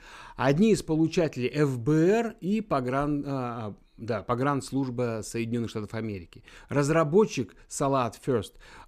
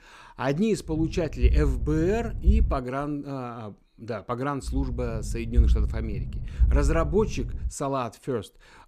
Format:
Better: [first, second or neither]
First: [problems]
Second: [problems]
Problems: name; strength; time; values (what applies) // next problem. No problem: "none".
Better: first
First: none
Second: low rumble; noticeable; from 1 to 3 s and from 4.5 to 7.5 s; 15 dB below the speech